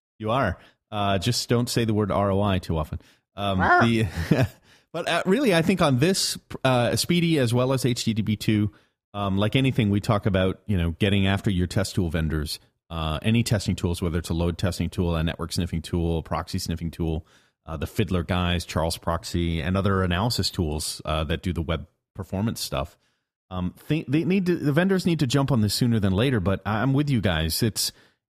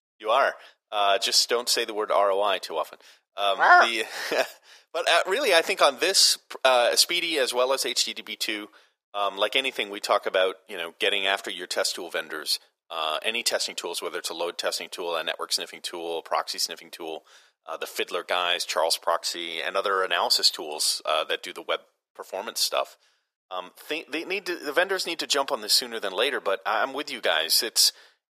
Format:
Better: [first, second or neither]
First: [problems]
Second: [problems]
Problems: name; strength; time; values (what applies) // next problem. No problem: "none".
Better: first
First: none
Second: thin; very; fading below 500 Hz